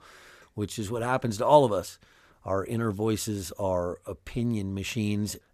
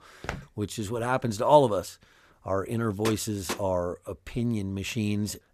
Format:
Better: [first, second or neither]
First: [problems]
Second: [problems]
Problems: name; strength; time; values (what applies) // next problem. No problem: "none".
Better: first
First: none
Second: footsteps; faint; at the start; peak 10 dB below the speech // door banging; noticeable; at 3 s; peak 8 dB below the speech